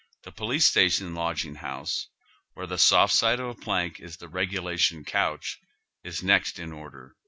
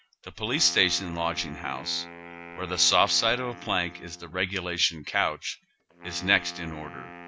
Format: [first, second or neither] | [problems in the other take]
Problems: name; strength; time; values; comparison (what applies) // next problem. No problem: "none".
first | background sound (Wind instrument, woodwind instrument); 16 dB below the speech